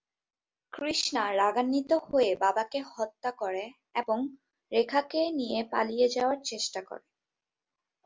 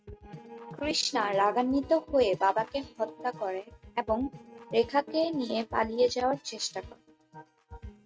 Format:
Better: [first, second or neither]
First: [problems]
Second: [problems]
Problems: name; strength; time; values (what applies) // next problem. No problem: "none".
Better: first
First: none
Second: noise reduction (neural mask model RNNoise)